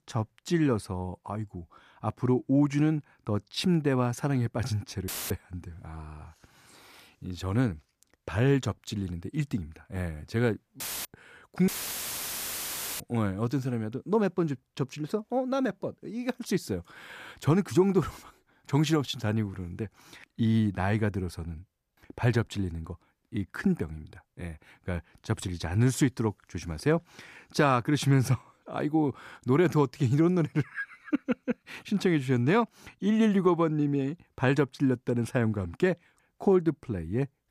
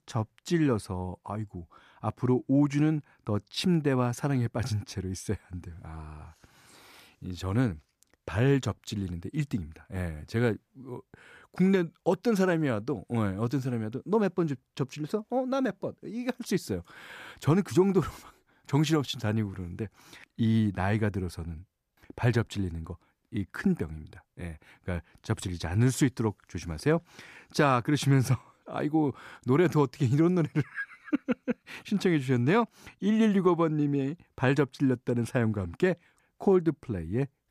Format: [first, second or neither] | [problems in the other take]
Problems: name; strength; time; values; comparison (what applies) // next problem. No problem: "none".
second | audio cutting out; filled with static; at 5 s, at 11 s and at 12 s for 1.5 s